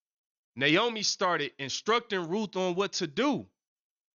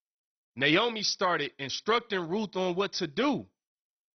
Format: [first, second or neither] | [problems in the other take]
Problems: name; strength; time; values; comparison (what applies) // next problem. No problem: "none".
first | garbled, watery; badly; nothing above 6 kHz; slightly in the first